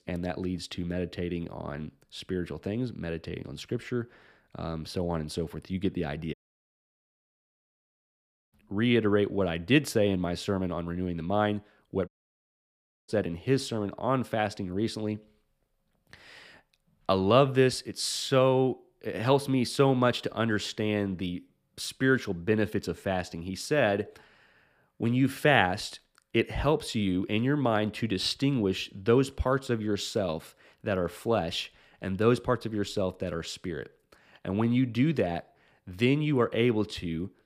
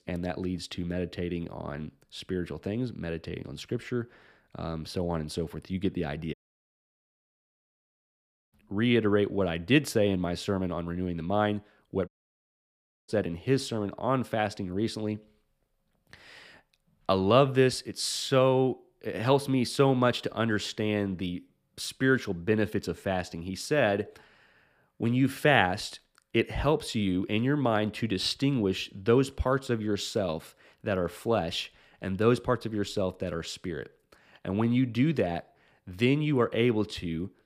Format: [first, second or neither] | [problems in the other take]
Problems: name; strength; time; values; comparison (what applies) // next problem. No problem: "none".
neither | audio cutting out; at 6.5 s for 2 s and at 12 s for 1 s; the same in both